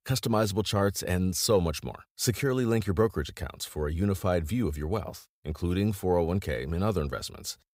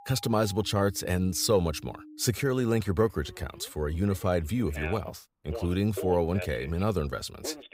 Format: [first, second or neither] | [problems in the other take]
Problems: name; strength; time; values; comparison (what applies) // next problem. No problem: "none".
first | alarms or sirens; noticeable; throughout; 15 dB below the speech